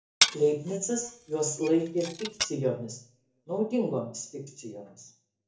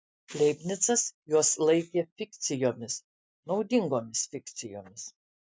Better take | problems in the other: second | background sound (Glass); 1 dB below the speech // room echo; dies away in 0.6 s

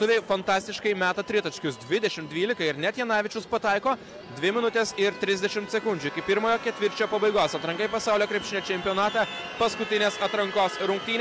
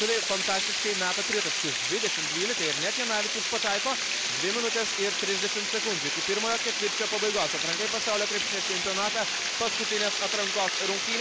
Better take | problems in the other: first | background sound (Water); 2 dB above the speech

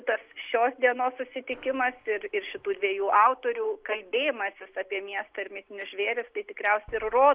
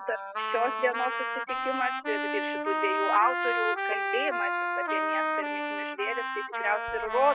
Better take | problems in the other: first | noise reduction (classical method spectral subtraction)

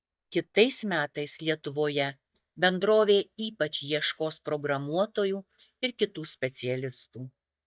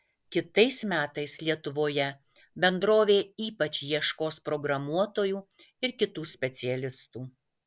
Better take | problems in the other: second | noise reduction (neural mask model DeepFilterNet 3)

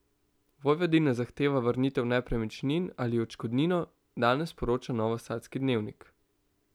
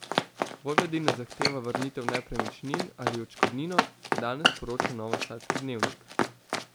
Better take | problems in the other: first | background sound (Run); 5 dB above the speech

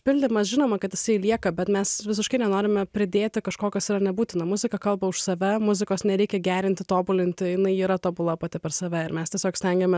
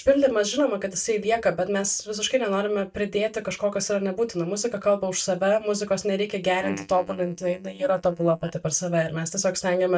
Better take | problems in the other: first | noise reduction (neural mask model DeepFilterNet 3)

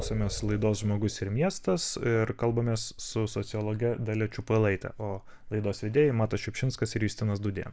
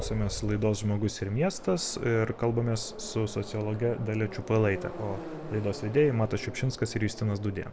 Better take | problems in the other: first | background sound (Subway, metro, underground); 14 dB below the speech

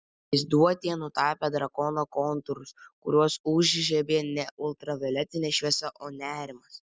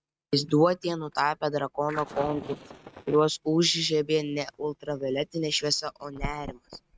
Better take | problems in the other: first | noise reduction (neural mask model RNNoise)

